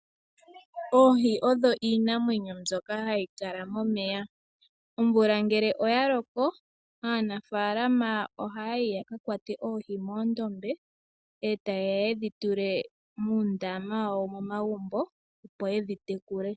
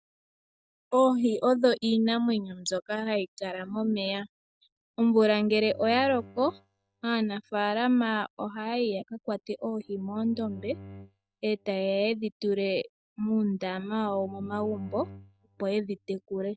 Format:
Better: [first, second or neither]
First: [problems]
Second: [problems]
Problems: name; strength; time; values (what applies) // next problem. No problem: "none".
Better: first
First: none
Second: noise reduction (neural mask model DeepFilterNet 3)